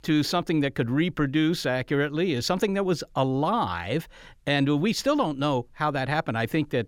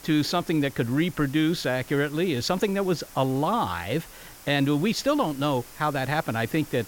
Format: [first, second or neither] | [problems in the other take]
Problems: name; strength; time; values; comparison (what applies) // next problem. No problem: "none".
first | hiss; noticeable; throughout; 20 dB below the speech